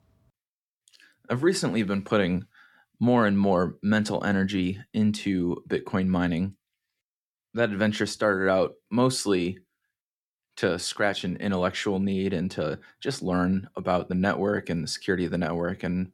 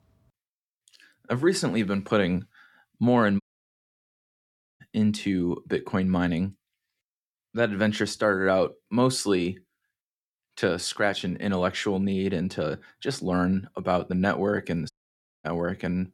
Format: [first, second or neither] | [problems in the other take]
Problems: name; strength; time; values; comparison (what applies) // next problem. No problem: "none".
first | audio cutting out; at 3.5 s for 1.5 s and at 15 s for 0.5 s